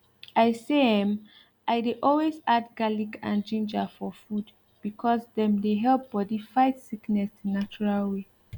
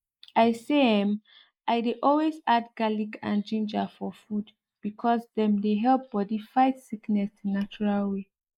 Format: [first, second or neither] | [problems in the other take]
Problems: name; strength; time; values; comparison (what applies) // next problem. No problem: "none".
first | noise reduction (neural mask model Resemble Enhance denoiser)